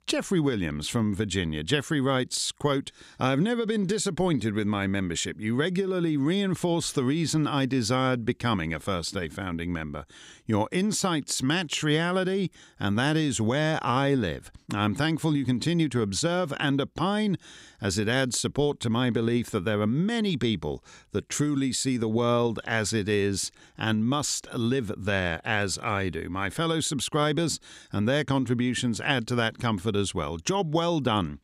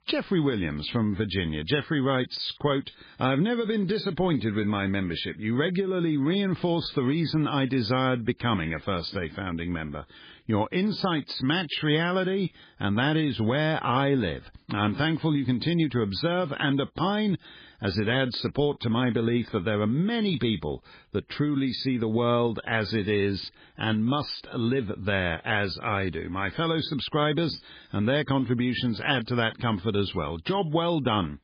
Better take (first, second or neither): first